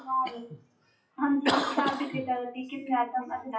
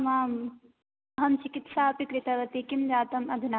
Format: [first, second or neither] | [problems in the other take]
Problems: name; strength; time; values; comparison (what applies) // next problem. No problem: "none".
second | noise reduction (classical method WPE with log-MMSE)